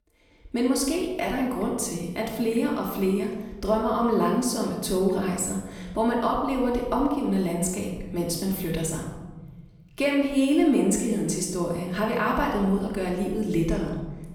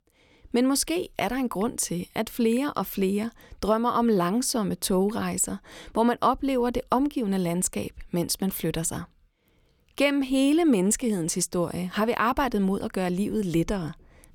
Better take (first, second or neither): second